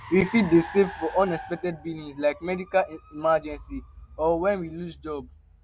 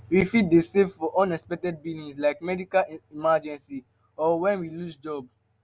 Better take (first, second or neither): second